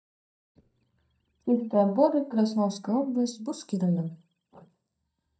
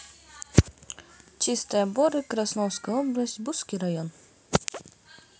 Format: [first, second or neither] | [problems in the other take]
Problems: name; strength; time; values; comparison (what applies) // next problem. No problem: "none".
second | noise reduction (neural mask model DeepFilterNet 3)